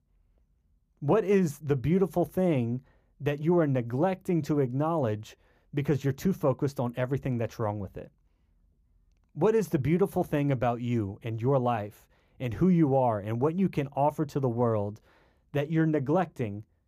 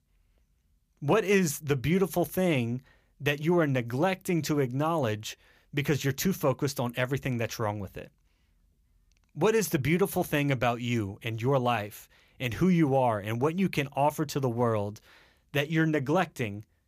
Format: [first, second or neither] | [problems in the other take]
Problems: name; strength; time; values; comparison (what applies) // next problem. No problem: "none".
second | muffled; slightly; fading above 1.5 kHz